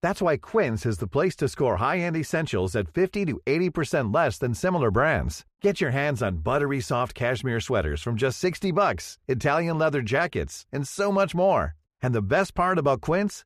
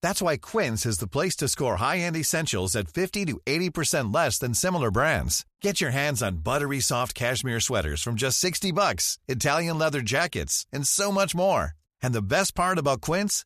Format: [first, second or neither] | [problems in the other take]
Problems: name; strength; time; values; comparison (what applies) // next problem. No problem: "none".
second | muffled; slightly; fading above 3.5 kHz